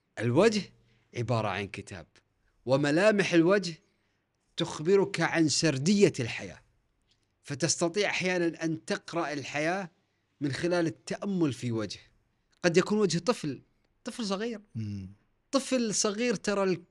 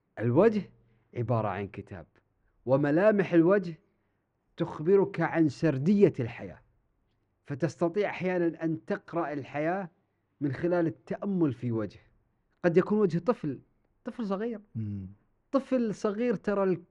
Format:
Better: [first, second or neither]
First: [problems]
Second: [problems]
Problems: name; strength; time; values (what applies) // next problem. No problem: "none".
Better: first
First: none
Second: muffled; very; fading above 3 kHz